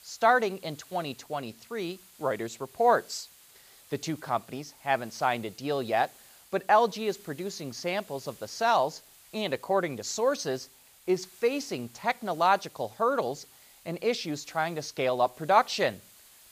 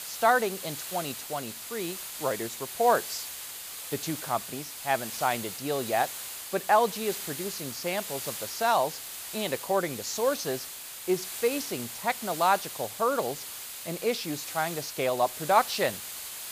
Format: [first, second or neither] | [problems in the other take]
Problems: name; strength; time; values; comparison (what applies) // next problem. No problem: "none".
first | hiss; loud; throughout; 7 dB below the speech; faint in the first